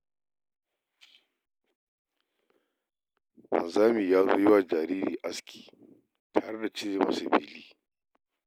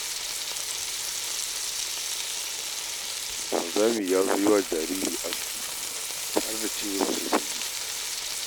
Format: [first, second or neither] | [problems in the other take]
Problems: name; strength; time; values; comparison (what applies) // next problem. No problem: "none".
first | background sound (Frying (food)); 1 dB below the speech